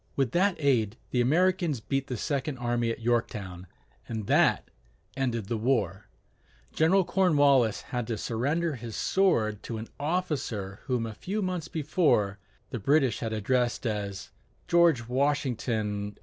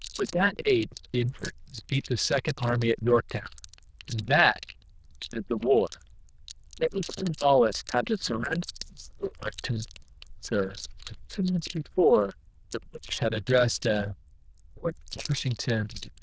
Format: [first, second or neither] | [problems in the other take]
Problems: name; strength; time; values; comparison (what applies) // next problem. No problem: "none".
first | noise reduction (neural diffusion model UNIVERSE++)